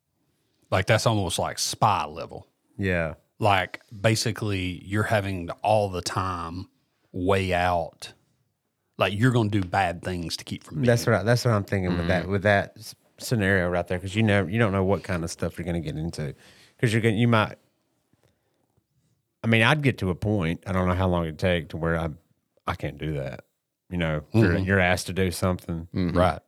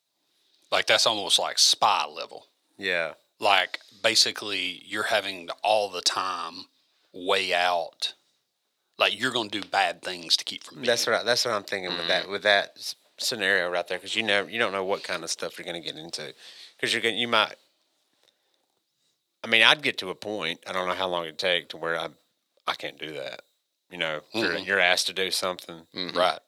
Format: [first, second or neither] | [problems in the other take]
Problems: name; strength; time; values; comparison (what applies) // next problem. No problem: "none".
first | thin; very; fading below 450 Hz